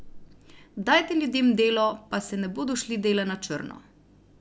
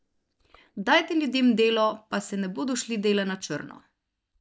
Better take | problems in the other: first | noise reduction (neural mask model DeepFilterNet 3)

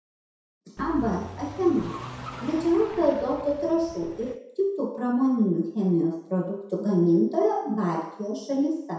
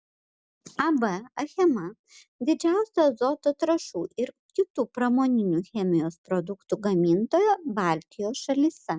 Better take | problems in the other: second | background sound (Car); 14 dB below the speech // room echo; dies away in 0.7 s

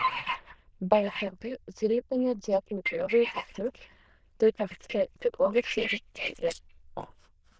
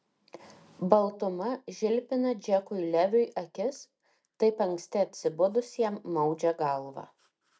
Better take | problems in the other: second | noise reduction (neural diffusion model UNIVERSE++)

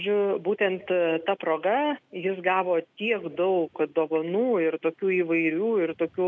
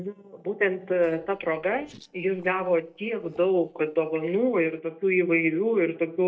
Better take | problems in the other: first | noise reduction (neural mask model DeepFilterNet 3)

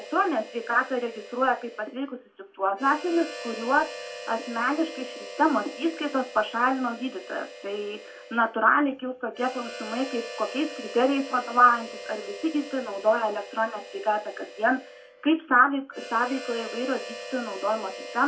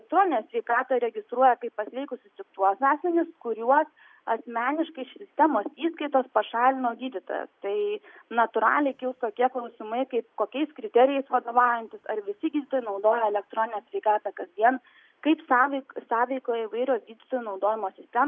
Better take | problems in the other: second | background sound (Harmonica); 14 dB below the speech // room echo; dies away in 0.2 s

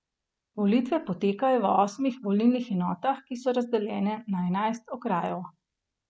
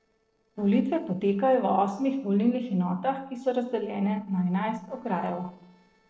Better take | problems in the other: first | noise reduction (neural separator model SepFormer DNS4)

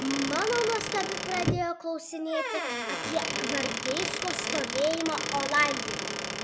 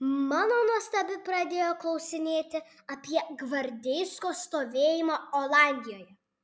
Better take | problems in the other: second | background sound (Squeak / Wood); 1 dB below the speech

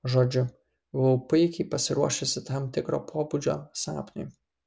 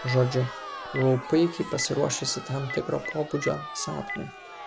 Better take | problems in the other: first | background sound (Crowd + Telephone); 10 dB below the speech

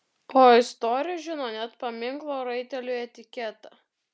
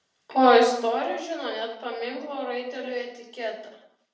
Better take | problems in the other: first | room echo; dies away in 0.6 s

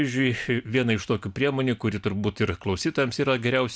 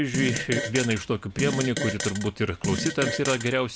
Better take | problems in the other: first | background sound (Fart); 5 dB below the speech

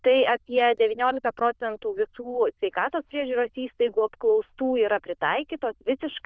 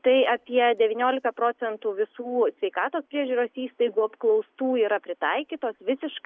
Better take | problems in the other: second | noise reduction (neural diffusion model UNIVERSE++)

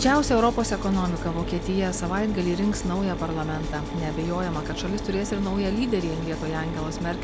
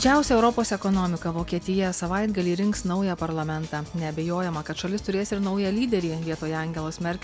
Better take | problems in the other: second | background sound (Mechanisms); 6 dB below the speech

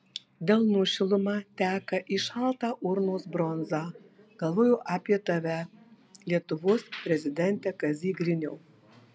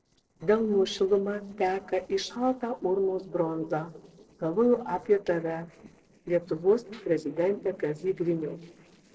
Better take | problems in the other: first | noise reduction (neural separator model SepFormer DNS4)

